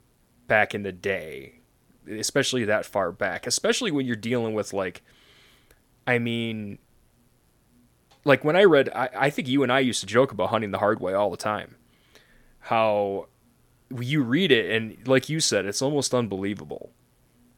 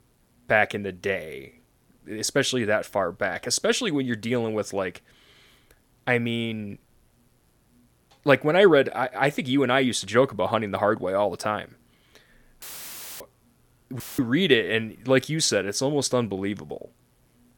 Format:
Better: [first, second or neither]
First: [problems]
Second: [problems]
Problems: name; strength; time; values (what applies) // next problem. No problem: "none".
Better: first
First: none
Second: audio cutting out; filled with static; at 13 s for 0.5 s and at 14 s